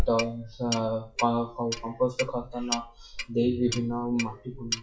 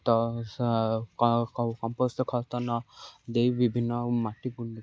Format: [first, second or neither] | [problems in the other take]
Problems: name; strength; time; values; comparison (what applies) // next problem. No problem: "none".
second | noise reduction (classical method WPE with log-MMSE)